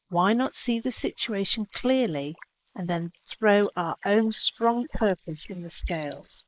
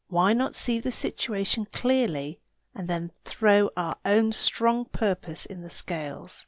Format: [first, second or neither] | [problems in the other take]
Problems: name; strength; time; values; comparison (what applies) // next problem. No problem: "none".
second | noise reduction (neural mask model Resemble Enhance denoiser)